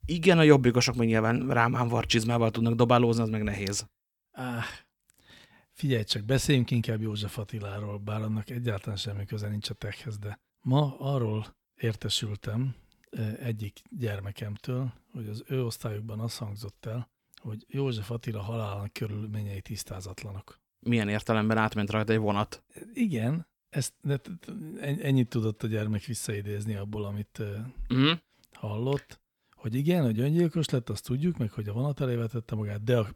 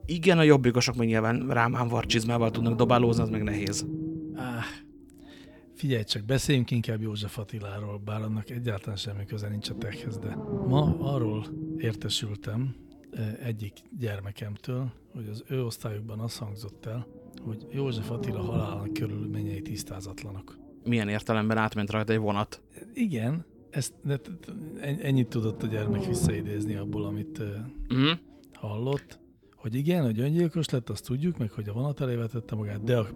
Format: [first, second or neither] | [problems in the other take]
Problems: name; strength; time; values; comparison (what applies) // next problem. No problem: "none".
first | low rumble; loud; throughout; 9 dB below the speech